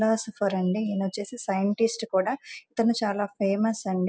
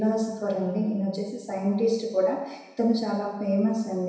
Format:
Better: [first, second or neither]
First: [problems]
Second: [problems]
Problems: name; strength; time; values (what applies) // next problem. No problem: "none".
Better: first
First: none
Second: room echo; dies away in 1 s